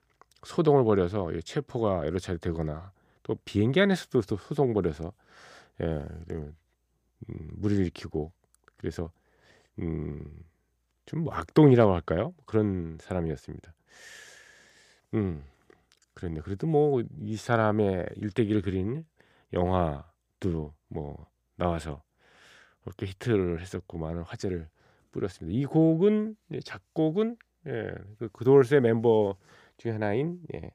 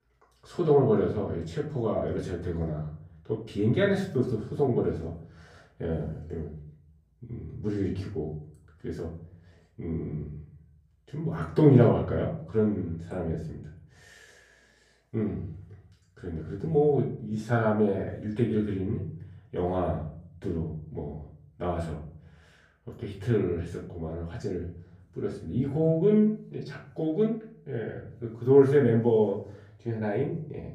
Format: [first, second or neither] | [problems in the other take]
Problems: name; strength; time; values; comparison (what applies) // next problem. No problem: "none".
first | off-mic speech; far // room echo; slight; dies away in 0.5 s